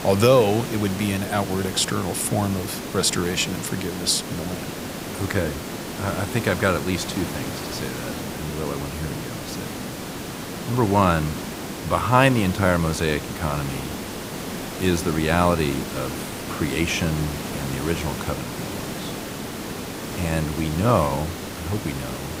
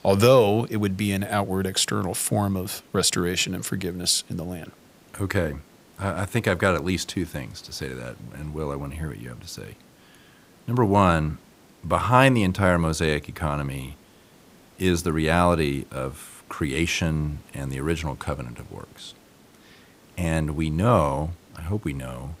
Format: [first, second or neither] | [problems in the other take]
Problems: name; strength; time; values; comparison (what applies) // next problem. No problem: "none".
second | hiss; loud; throughout; 7 dB below the speech; faint in the second